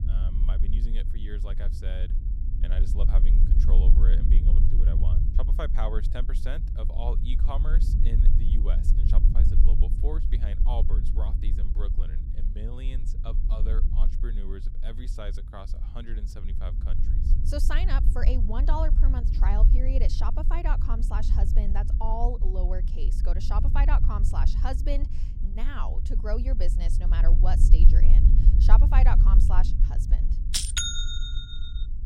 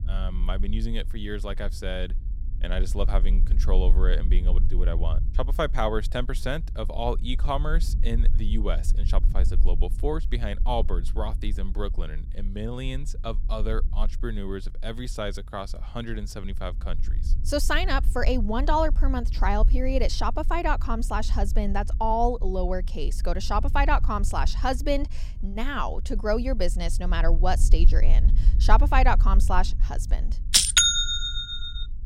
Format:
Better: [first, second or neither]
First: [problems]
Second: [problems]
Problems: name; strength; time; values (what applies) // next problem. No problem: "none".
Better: second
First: low rumble; loud; throughout; 9 dB below the speech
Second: low rumble; faint; throughout; 20 dB below the speech